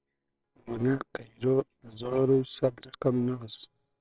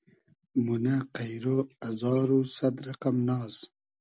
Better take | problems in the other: second | noise reduction (neural separator model SepFormer WHAMR!)

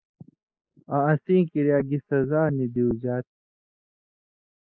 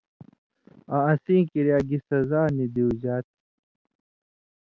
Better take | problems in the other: second | noise reduction (neural mask model Resemble Enhance denoiser)

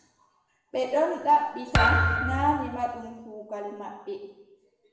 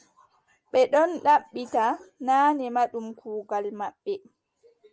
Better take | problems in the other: second | background sound (Thump, thud); 2 dB above the speech // room echo; dies away in 0.9 s

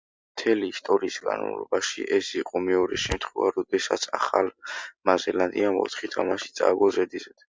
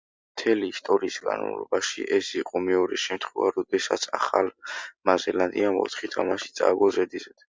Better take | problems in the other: second | background sound (Scissors); 14 dB below the speech

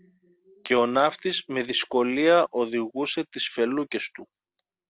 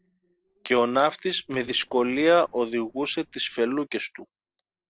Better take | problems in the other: first | noise reduction (neural separator model SepFormer DNS4)

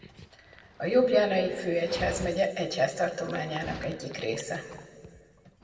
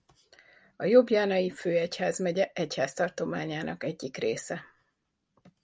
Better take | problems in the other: second | background sound (Dog); 16 dB below the speech // room echo; dies away in 1.9 s

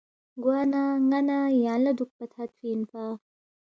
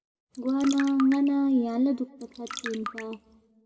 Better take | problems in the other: first | background sound (Trickle, dribble); 14 dB below the speech // room echo; dies away in 1.9 s

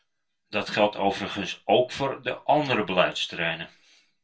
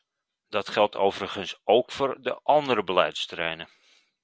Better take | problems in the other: second | room echo; dies away in 0.2 s

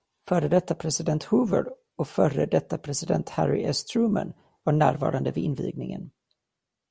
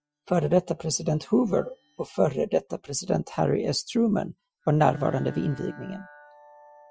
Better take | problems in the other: first | noise reduction (classical method Wiener filter)

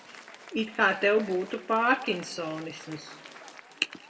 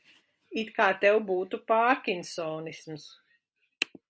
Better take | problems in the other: second | background sound (Applause); 18 dB below the speech // room echo; dies away in 1.1 s

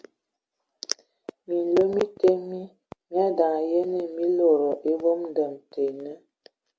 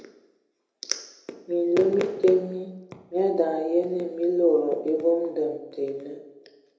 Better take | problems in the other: first | room echo; dies away in 0.8 s

